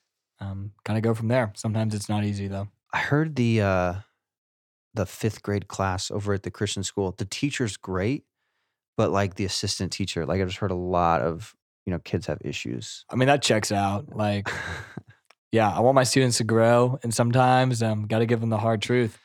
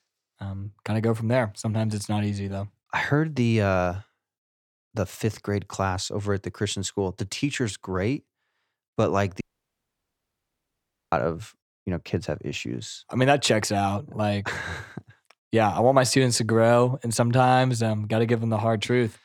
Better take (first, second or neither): first